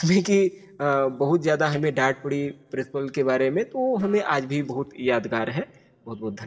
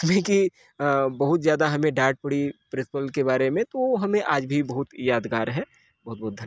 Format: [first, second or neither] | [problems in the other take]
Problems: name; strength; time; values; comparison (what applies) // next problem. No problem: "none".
second | noise reduction (neural separator model SepFormer DNS4)